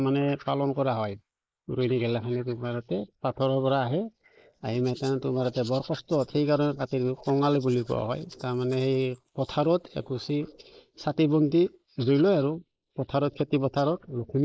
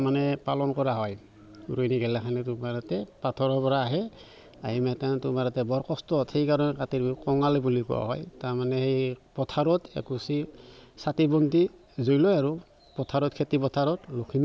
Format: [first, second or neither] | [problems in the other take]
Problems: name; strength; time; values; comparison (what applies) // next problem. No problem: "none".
second | noise reduction (neural mask model Resemble Enhance denoiser)